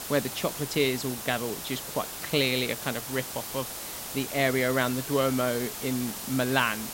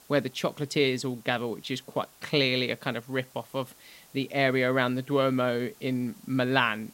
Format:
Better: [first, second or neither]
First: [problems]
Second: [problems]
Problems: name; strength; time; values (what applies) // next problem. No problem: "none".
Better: second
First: hiss; loud; throughout; 6 dB below the speech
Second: hiss; faint; throughout; 25 dB below the speech